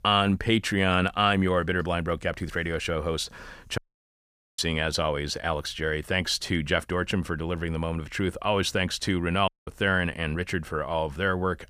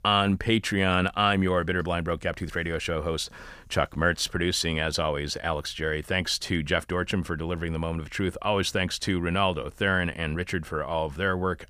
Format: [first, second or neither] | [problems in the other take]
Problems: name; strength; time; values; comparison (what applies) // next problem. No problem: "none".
second | audio cutting out; at 4 s for 1 s and at 9.5 s